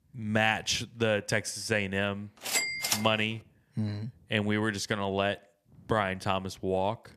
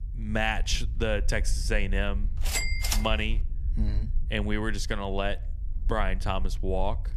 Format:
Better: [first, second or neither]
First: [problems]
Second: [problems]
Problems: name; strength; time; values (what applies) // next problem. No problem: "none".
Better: first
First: none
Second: low rumble; faint; throughout; 25 dB below the speech